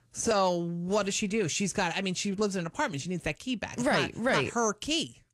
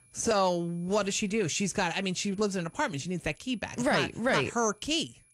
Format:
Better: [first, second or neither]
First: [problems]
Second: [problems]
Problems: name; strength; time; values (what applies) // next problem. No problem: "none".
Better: first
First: none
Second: high-pitched whine; faint; throughout; 10.5 kHz, 30 dB below the speech